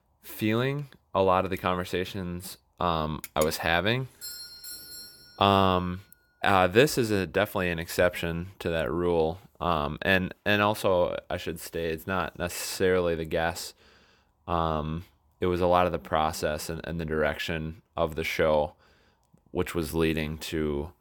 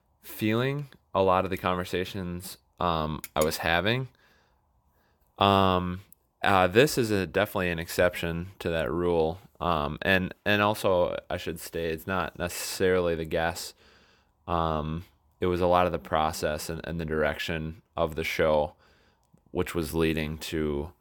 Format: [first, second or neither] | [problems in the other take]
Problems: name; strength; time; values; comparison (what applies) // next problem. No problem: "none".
second | doorbell; faint; from 4 to 5.5 s; peak 10 dB below the speech